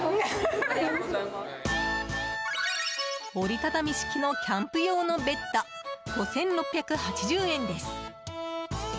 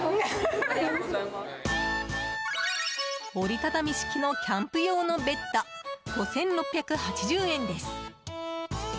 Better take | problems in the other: second | background sound (Wind instrument, woodwind instrument); 20 dB below the speech

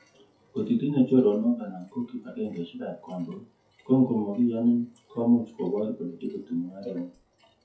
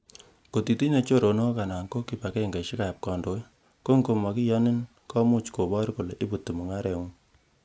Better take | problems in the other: second | noise reduction (classical method WPE with log-MMSE)

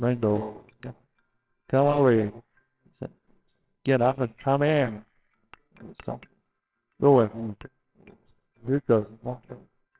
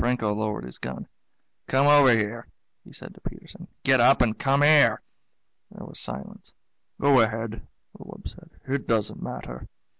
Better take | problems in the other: second | noise reduction (neural separator model SepFormer WHAMR!)

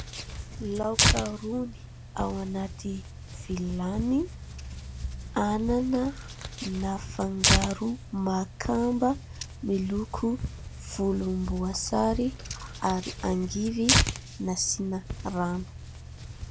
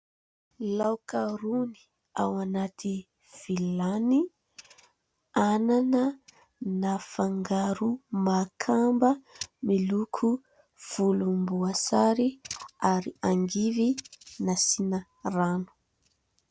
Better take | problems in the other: second | background sound (Tearing); 2 dB below the speech

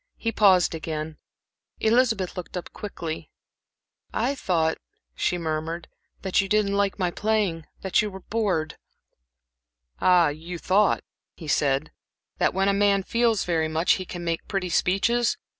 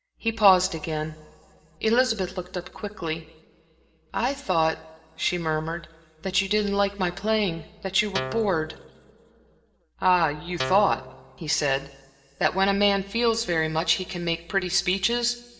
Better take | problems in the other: first | background sound (Guitar); 8 dB below the speech // room echo; dies away in 2.9 s

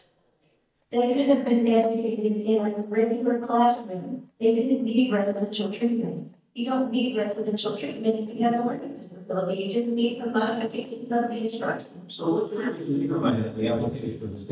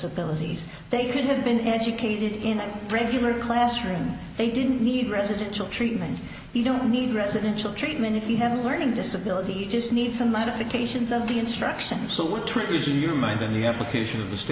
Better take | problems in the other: second | noise reduction (neural mask model DeepFilterNet 3)

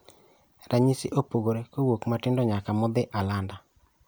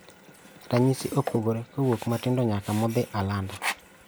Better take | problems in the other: first | background sound (Sink (filling or washing)); 12 dB below the speech

